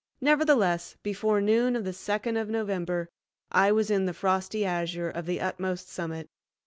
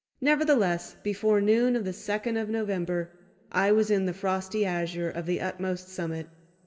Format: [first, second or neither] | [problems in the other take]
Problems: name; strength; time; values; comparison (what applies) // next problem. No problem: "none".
first | room echo; dies away in 2.1 s